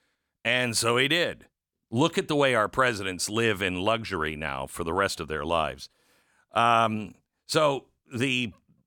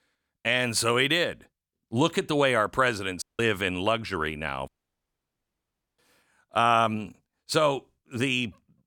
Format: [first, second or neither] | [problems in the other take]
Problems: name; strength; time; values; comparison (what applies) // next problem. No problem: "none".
first | audio cutting out; at 3 s and at 4.5 s for 1.5 s